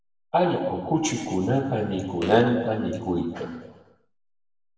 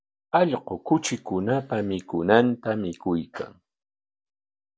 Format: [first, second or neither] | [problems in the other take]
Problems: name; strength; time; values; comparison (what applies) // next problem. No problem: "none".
second | background sound (Fart); 17 dB below the speech // room echo; dies away in 1.2 s